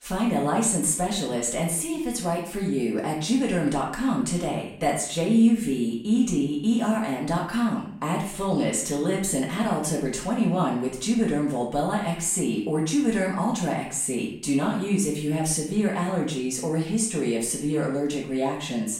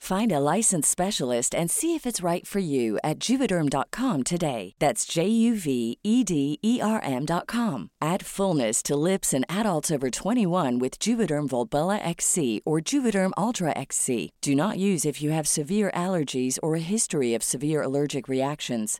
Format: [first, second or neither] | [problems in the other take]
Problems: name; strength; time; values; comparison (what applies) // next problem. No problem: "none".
second | room echo; noticeable; dies away in 0.5 s // off-mic speech; far